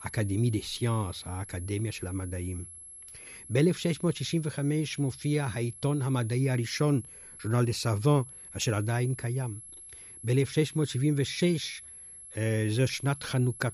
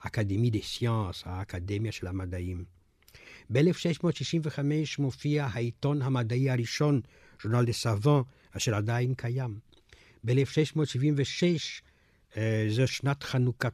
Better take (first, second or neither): second